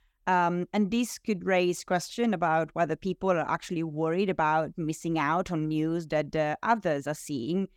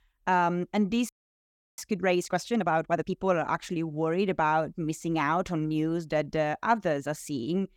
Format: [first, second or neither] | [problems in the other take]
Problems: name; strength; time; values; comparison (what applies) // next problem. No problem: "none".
first | audio freezing; at 1 s for 0.5 s